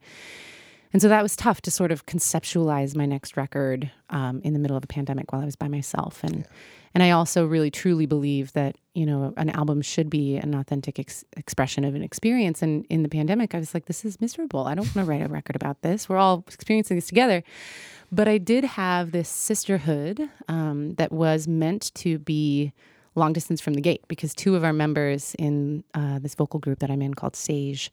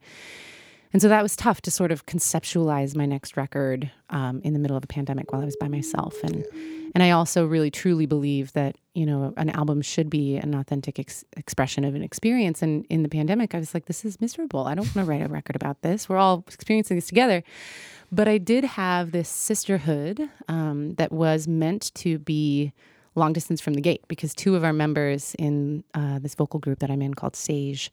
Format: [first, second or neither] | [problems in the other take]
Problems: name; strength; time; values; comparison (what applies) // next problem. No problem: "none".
first | siren; faint; from 5.5 to 7 s; peak 10 dB below the speech